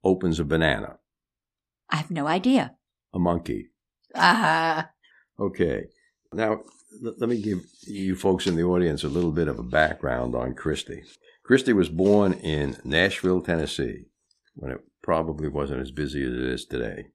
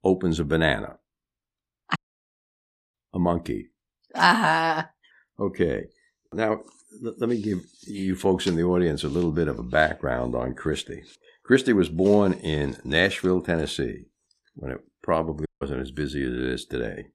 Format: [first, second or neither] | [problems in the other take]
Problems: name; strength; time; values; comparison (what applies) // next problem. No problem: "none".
first | audio cutting out; at 2 s for 1 s and at 15 s